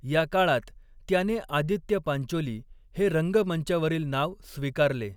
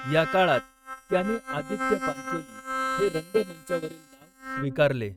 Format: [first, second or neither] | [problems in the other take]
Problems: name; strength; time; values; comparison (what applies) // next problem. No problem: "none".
first | noise reduction (neural mask model RNNoise)